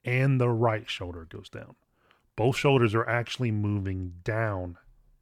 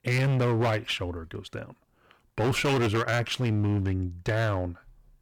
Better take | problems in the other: first | distortion; heavy; 16% of the sound clipped

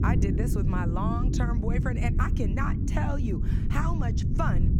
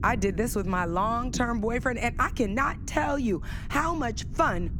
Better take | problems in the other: second | low rumble; loud; throughout; 4 dB below the speech; faint in the second

